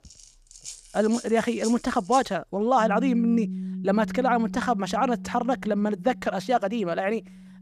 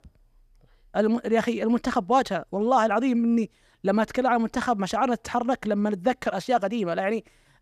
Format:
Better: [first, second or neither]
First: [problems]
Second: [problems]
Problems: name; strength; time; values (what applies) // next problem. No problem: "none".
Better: second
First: background music; noticeable; throughout; 10 dB below the speech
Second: none